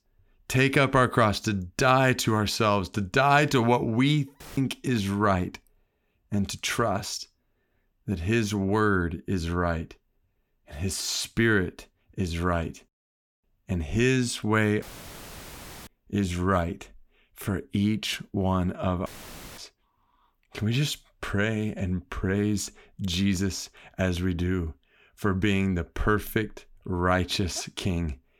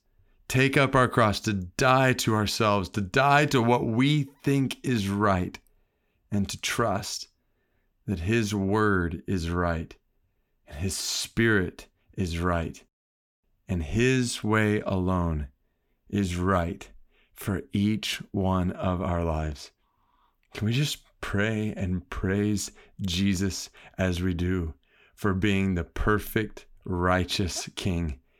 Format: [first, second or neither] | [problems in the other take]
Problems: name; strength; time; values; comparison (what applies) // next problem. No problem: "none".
second | audio cutting out; filled with static; at 4.5 s, at 15 s for 1 s and at 19 s for 0.5 s